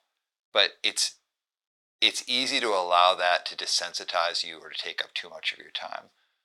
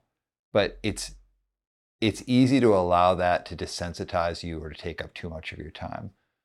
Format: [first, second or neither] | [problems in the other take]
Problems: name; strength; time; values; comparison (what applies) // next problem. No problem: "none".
second | thin; very; fading below 900 Hz